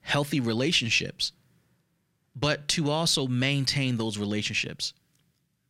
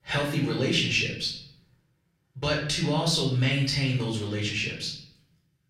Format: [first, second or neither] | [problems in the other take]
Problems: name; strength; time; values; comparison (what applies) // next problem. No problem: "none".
first | off-mic speech; far // room echo; noticeable; dies away in 0.6 s